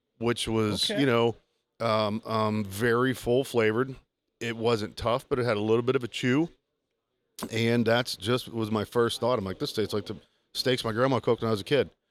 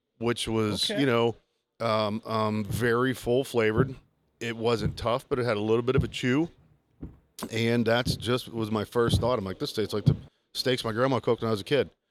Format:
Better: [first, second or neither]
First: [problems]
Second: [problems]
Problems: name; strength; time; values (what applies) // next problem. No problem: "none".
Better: first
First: none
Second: footsteps; noticeable; from 2.5 to 10 s; peak level with the speech